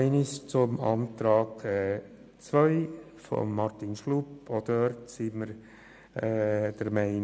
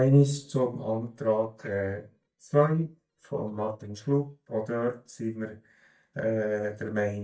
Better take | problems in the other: first | noise reduction (neural mask model DeepFilterNet 3)

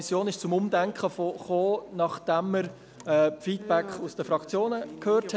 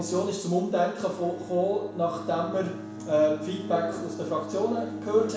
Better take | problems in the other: first | background sound (Bowed string instrument); 12 dB below the speech // room echo; dies away in 0.6 s

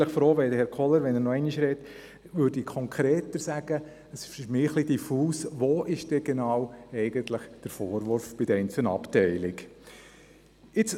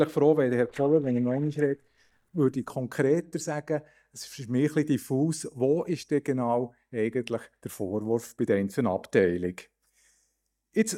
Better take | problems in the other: first | noise reduction (neural mask model DeepFilterNet 3)

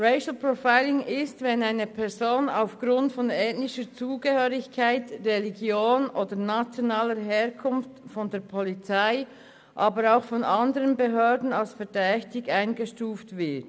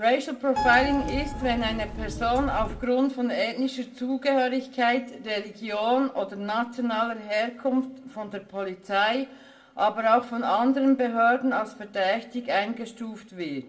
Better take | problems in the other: first | background sound (Keyboard (musical)); 5 dB below the speech // room echo; dies away in 0.3 s

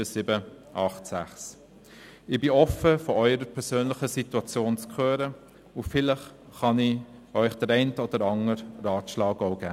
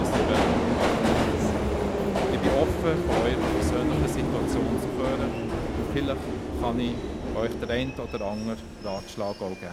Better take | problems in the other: first | background sound (Subway, metro, underground); 5 dB above the speech

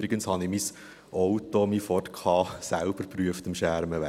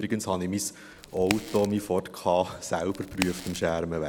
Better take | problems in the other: first | background sound (Crack); 10 dB below the speech

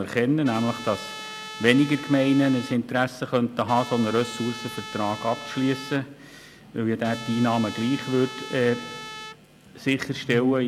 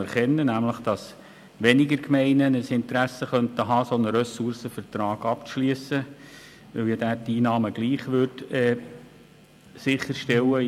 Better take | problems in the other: second | background sound (Trumpet); 13 dB below the speech

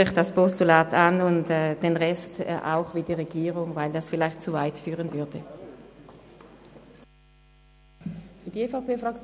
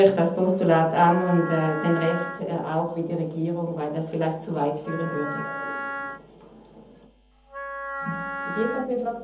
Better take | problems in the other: first | background sound (Wind instrument, woodwind instrument); 9 dB below the speech // room echo; dies away in 0.6 s

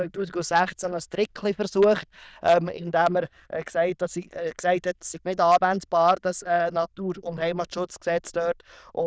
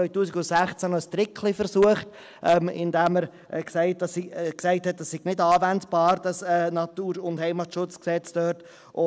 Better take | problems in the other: second | noise reduction (neural diffusion model UNIVERSE++)

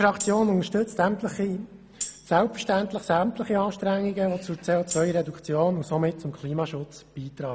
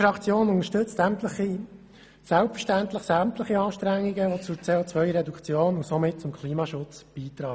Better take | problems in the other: second | background sound (Tambourine); 13 dB below the speech

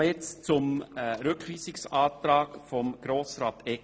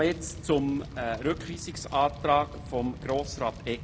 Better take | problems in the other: first | background sound (Fire); 12 dB below the speech

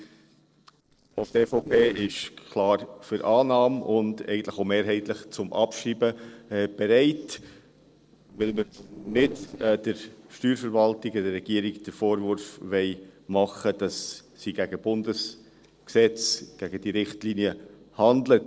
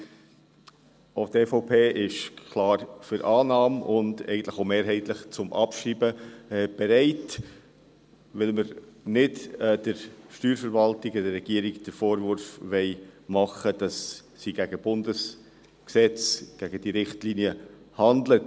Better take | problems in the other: second | noise reduction (neural separator model SepFormer DNS4)

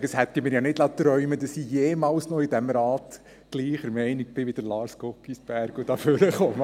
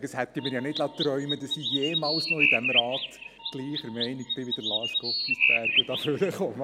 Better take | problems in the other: first | background sound (Chirp, tweet); 3 dB above the speech

